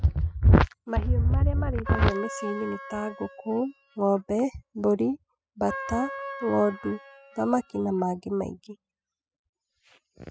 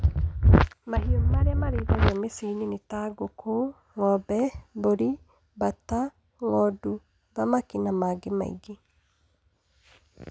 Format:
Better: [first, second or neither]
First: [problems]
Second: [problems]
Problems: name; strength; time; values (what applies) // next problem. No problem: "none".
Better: second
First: noise reduction (classical method spectral subtraction)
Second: none